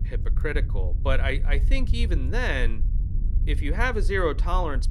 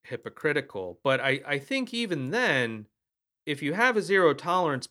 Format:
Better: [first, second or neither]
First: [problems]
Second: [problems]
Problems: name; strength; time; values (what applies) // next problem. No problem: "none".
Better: second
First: low rumble; noticeable; throughout; 20 dB below the speech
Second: none